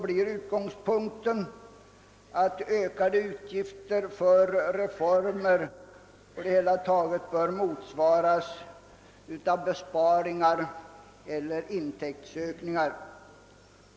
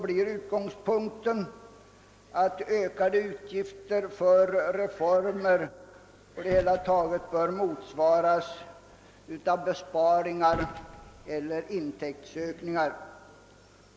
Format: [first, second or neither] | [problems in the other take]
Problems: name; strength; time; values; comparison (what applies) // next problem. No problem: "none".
first | background sound (Gunshot, gunfire); 19 dB below the speech